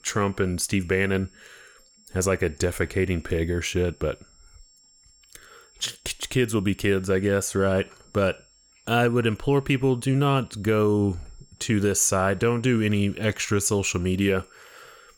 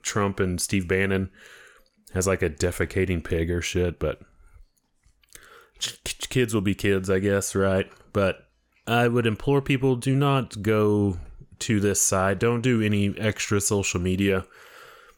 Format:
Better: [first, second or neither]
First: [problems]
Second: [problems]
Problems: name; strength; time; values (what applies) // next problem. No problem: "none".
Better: second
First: high-pitched whine; faint; throughout; 7.5 kHz, 30 dB below the speech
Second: none